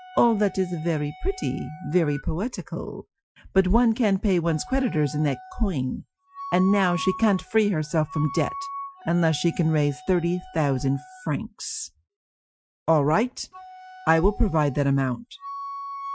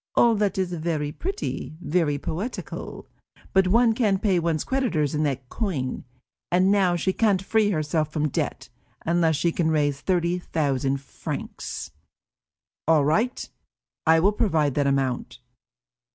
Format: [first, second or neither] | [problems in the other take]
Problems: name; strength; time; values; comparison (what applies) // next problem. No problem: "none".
second | noise reduction (classical method Wiener filter)